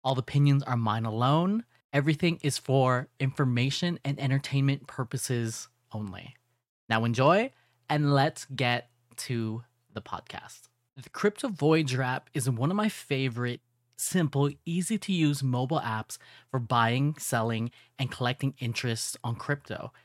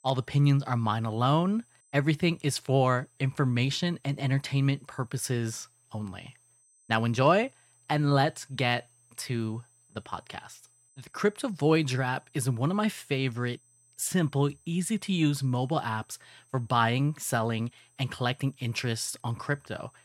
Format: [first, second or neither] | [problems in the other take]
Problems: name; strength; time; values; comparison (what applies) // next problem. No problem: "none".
first | high-pitched whine; faint; throughout; 8 kHz, 35 dB below the speech